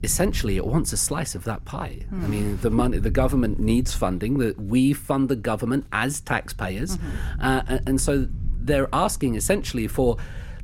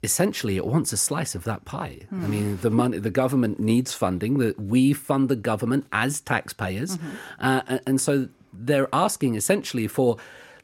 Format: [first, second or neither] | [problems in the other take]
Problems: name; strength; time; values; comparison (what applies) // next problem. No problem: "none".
second | low rumble; faint; throughout; 25 dB below the speech